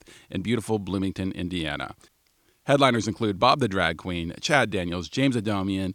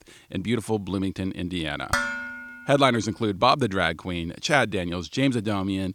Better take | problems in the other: first | clattering dishes; noticeable; at 2 s; peak 1 dB below the speech

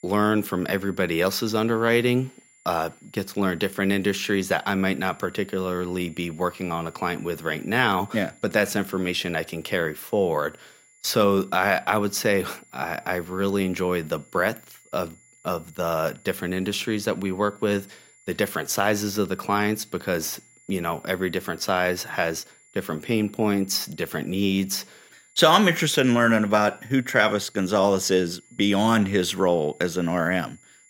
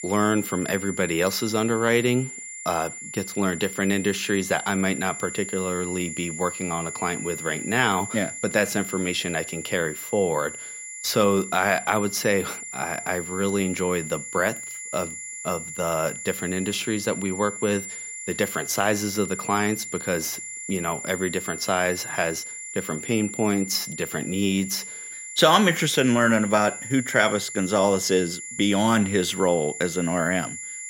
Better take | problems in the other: first | high-pitched whine; loud; throughout; 7 kHz, 9 dB below the speech; faint in the first

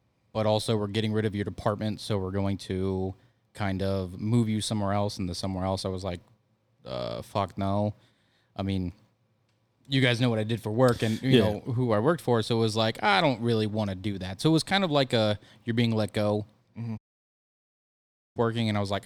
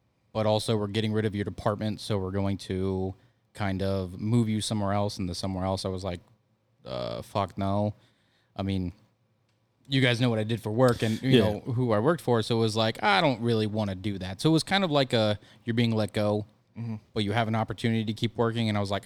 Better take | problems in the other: second | audio cutting out; at 17 s for 1.5 s

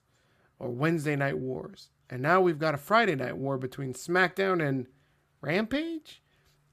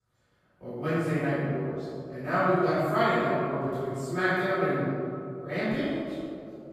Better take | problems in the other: first | off-mic speech; far // room echo; strong; dies away in 2.4 s

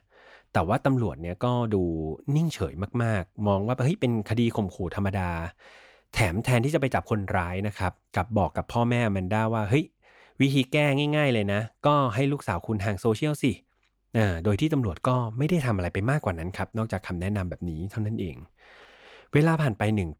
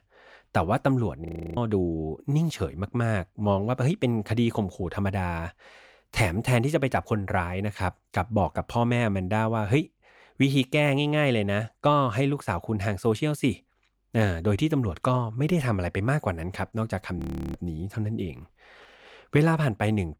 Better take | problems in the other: first | audio freezing; at 1.5 s and at 17 s

